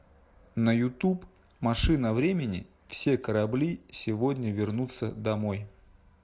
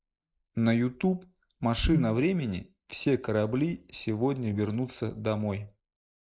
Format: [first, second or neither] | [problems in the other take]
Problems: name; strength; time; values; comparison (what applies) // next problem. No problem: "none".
first | noise reduction (neural mask model Resemble Enhance denoiser)